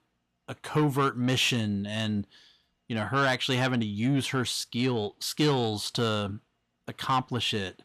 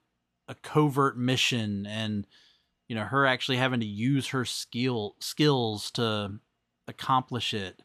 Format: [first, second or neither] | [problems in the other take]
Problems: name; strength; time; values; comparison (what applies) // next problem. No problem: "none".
second | distortion; slight; 10 dB below the speech